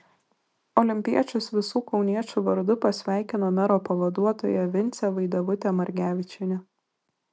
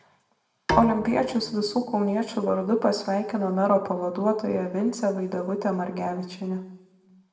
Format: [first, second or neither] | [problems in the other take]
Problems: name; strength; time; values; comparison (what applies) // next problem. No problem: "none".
first | background sound (Bowed string instrument); 8 dB below the speech // room echo; dies away in 0.9 s